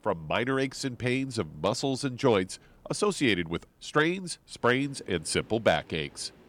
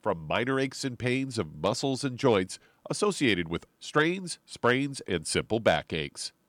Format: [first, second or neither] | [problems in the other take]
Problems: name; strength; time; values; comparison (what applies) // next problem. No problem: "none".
second | train or aircraft noise; faint; throughout; 30 dB below the speech